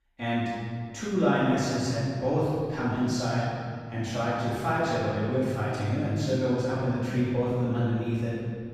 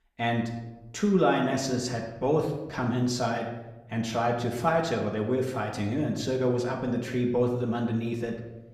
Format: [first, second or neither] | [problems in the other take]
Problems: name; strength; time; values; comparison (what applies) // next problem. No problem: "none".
second | room echo; strong; dies away in 2.2 s; slight in the second // off-mic speech; far; somewhat distant in the second